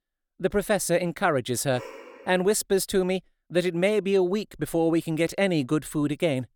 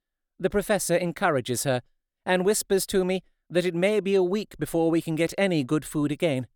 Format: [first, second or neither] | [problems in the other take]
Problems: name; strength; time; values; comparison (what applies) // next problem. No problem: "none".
second | dog barking; faint; at 1.5 s; peak 15 dB below the speech